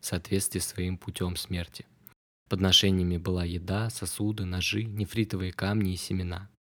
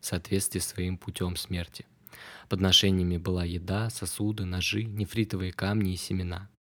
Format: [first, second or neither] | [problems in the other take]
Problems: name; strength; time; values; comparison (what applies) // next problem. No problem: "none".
second | audio cutting out; at 2 s